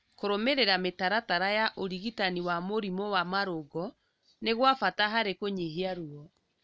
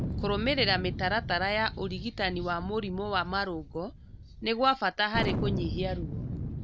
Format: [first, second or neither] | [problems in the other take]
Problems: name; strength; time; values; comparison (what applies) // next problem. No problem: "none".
first | background sound (Thunder); 5 dB below the speech